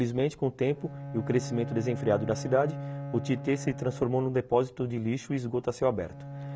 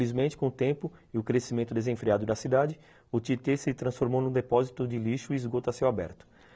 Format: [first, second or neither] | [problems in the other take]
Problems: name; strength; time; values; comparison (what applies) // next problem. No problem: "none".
second | background sound (Bowed string instrument); 10 dB below the speech